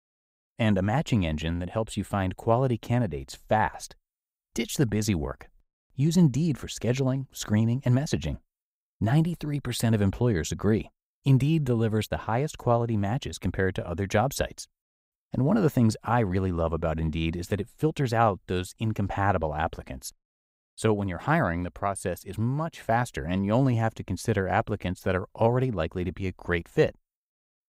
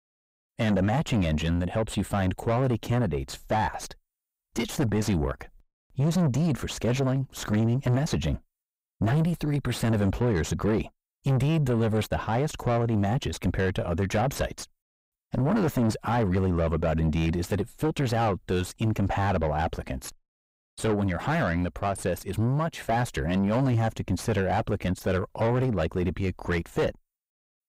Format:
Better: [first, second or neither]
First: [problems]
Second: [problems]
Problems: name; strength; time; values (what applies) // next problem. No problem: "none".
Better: first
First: none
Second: distortion; heavy; 5 dB below the speech